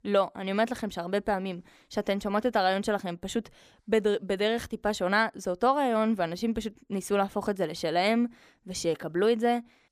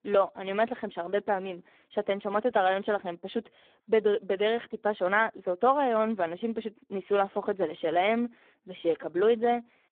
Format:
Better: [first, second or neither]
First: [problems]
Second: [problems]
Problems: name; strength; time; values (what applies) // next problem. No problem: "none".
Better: first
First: none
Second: phone-call audio; poor line